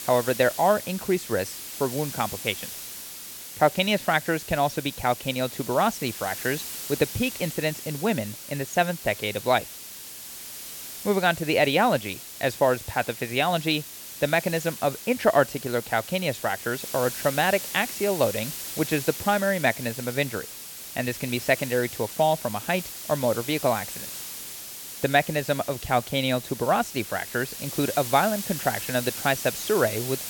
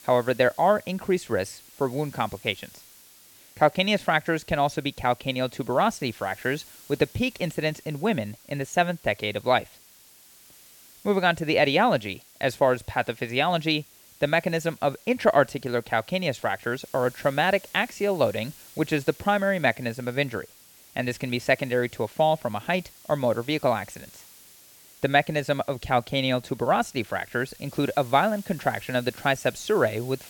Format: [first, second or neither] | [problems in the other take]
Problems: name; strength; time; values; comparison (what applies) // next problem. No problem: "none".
second | hiss; loud; throughout; 9 dB below the speech; faint in the second